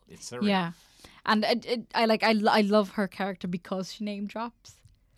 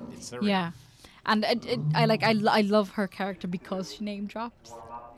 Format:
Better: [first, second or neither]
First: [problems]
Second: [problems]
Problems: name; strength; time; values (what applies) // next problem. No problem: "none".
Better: first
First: none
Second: animal sounds; loud; throughout; 7 dB below the speech